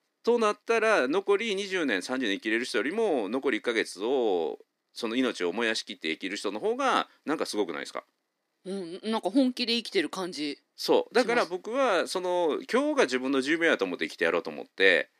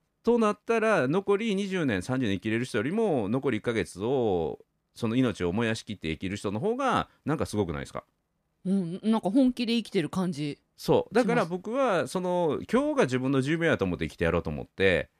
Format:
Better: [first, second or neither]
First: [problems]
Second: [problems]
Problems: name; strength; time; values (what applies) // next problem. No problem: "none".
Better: second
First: thin; very slightly; fading below 300 Hz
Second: none